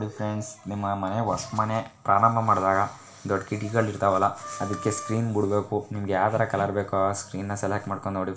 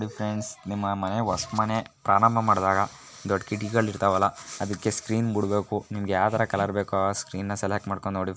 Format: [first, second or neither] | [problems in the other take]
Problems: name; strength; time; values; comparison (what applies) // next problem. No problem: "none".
second | background sound (Wind instrument, woodwind instrument); 14 dB below the speech // room echo; dies away in 1.8 s